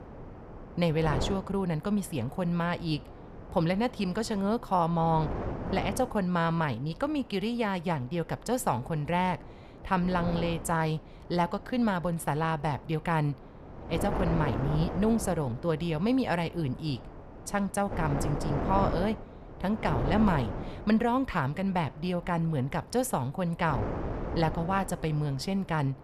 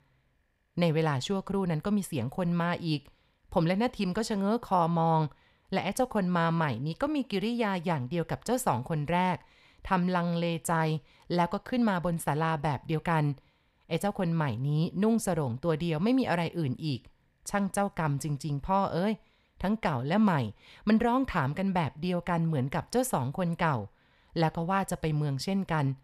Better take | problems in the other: second | wind noise on the microphone; heavy; 9 dB below the speech

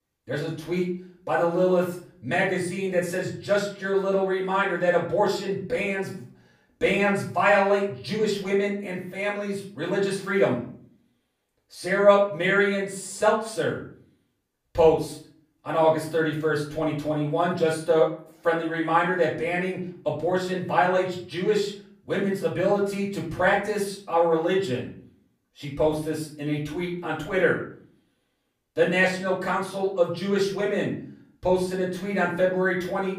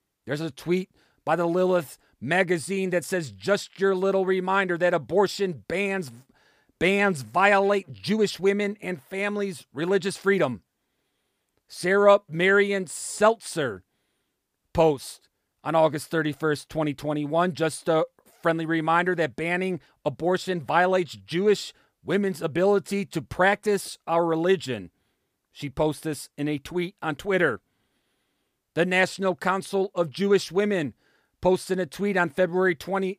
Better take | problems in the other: second | off-mic speech; far // room echo; slight; dies away in 0.4 s

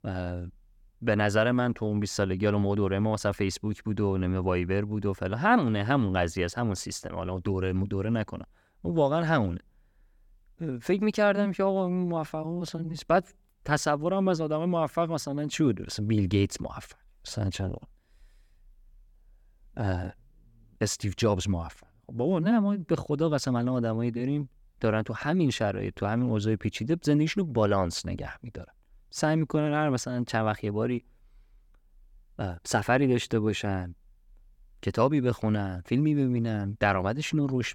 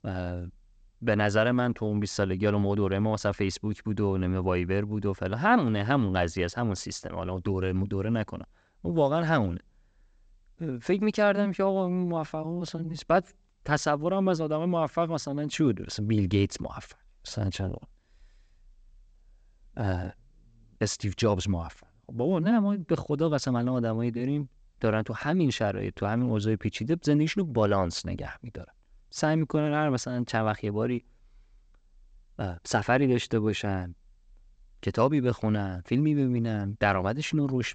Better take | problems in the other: first | garbled, watery; slightly; nothing above 7.5 kHz

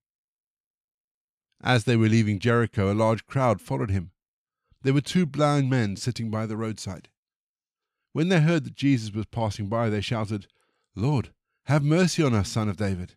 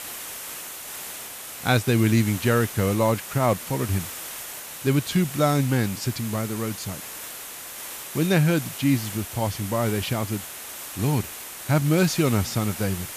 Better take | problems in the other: first | hiss; loud; throughout; 10 dB below the speech

